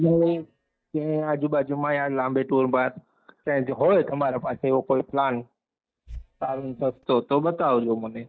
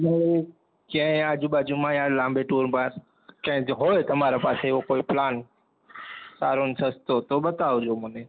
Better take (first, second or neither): second